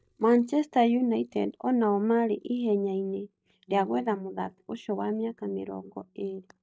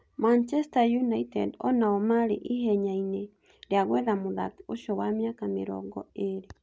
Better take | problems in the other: second | noise reduction (neural mask model DeepFilterNet 3)

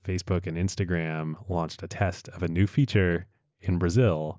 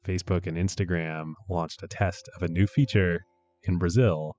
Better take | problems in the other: first | noise reduction (classical method spectral subtraction)

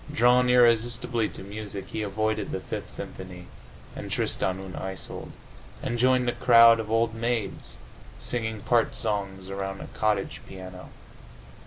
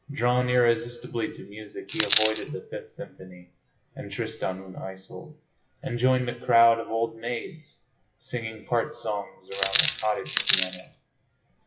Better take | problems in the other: first | noise reduction (classical method WPE with log-MMSE)

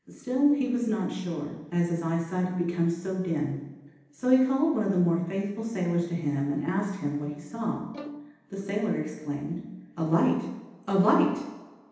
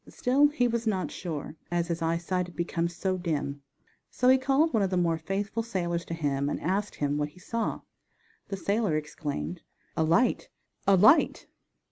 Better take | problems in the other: second | background sound (Bowed string instrument); 19 dB below the speech // room echo; dies away in 0.9 s

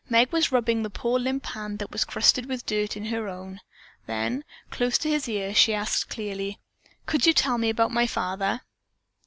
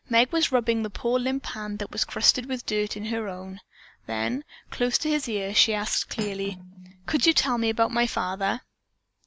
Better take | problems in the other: first | background sound (Cutlery, silverware); 16 dB below the speech

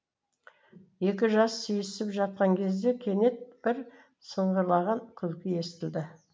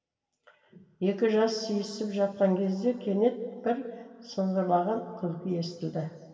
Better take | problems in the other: first | room echo; dies away in 2 s

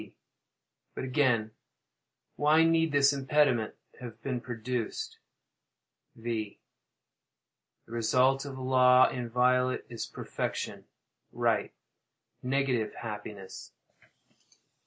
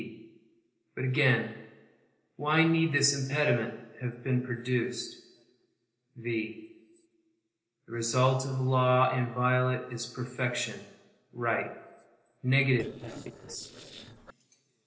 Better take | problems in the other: first | noise reduction (neural separator model SepFormer DNS4)

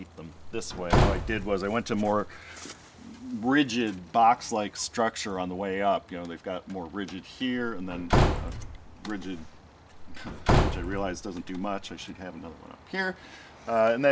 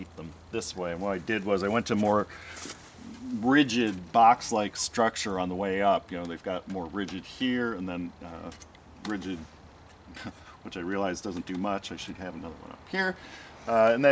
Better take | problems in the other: second | background sound (Slam / Wood); 1 dB above the speech

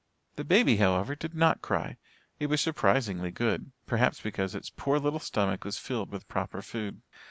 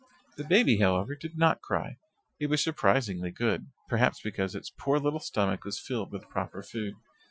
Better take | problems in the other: first | noise reduction (classical method Wiener filter)

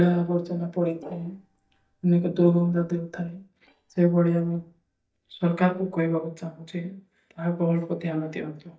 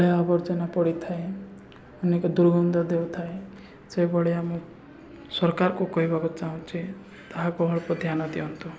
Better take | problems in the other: second | noise reduction (neural mask model DeepFilterNet 3)

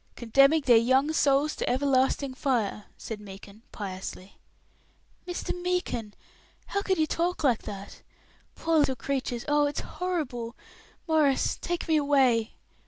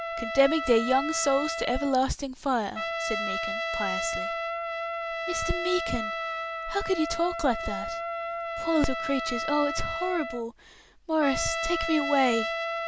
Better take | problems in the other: first | background sound (Trumpet); 3 dB below the speech

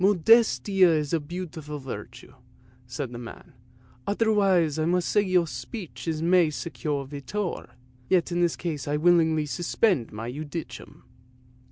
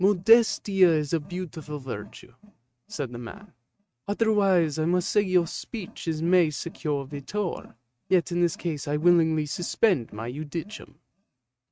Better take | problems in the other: first | noise reduction (neural mask model RNNoise)

